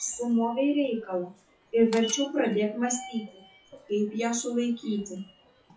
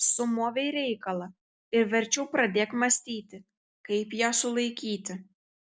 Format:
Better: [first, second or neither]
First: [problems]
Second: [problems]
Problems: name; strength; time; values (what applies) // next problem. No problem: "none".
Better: second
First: noise reduction (classical method WPE with log-MMSE)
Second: none